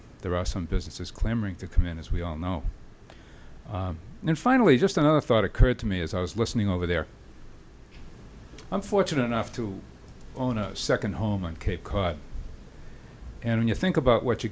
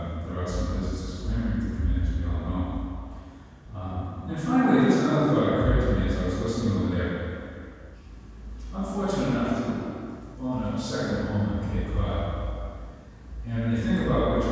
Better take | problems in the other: first | room echo; dies away in 2.1 s

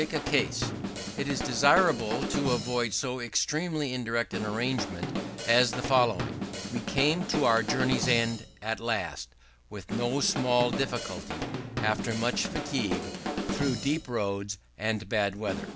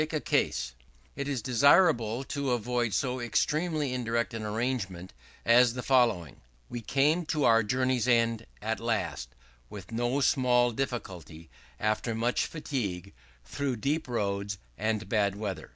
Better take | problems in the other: second | background sound (Drum kit); 6 dB below the speech

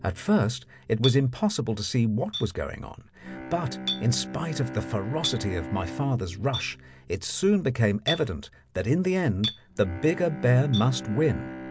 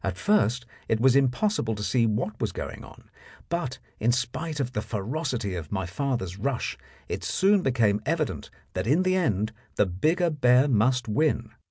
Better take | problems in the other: second | background sound (Chink, clink + Bowed string instrument); 11 dB below the speech

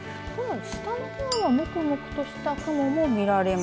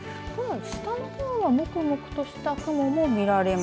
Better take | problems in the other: second | background sound (Chink, clink + Bowed string instrument); 14 dB below the speech

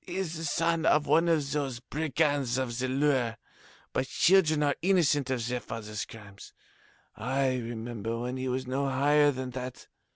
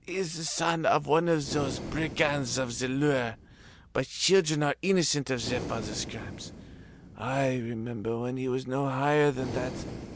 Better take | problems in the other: first | background sound (Breathing); 13 dB below the speech

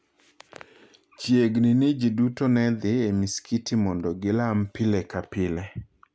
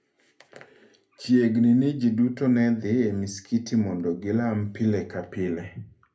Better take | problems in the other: first | room echo; dies away in 0.3 s

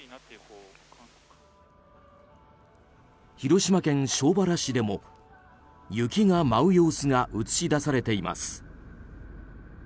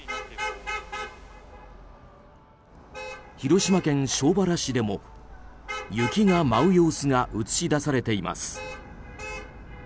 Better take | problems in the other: first | background sound (Traffic noise, roadway noise / Vehicle horn, car horn, honking); 12 dB below the speech

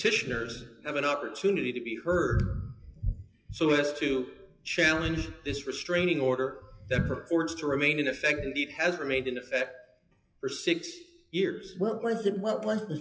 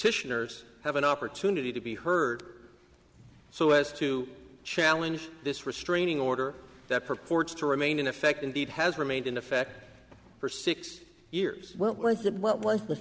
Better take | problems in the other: second | noise reduction (classical method WPE with log-MMSE)

